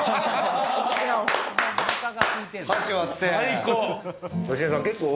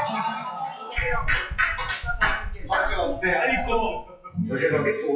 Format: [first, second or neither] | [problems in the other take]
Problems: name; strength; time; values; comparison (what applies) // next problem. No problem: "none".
first | noise reduction (classical method WPE with log-MMSE)